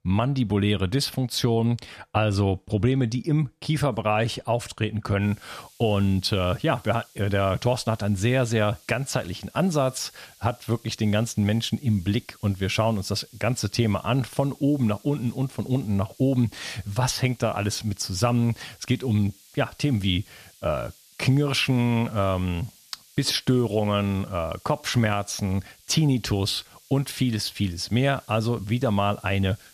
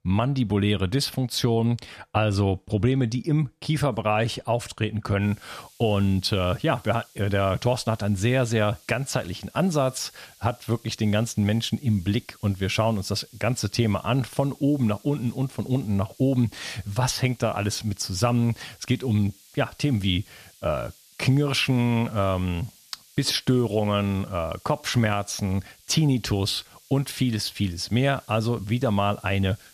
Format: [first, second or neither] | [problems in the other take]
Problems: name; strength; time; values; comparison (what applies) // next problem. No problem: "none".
neither | hiss; faint; from 5 s on; 25 dB below the speech; the same in both